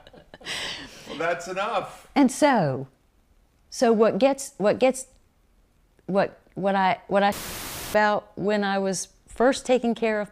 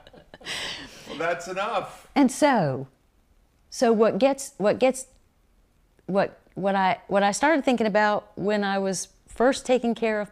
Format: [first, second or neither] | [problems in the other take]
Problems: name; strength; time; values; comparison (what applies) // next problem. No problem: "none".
second | audio cutting out; filled with static; at 7.5 s for 0.5 s